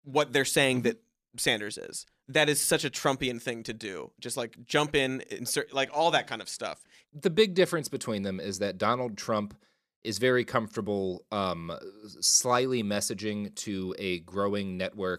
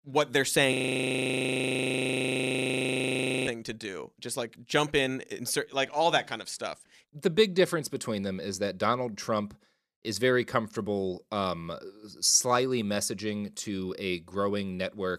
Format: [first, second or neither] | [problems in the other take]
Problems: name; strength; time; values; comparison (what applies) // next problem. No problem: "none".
first | audio freezing; at 0.5 s for 2.5 s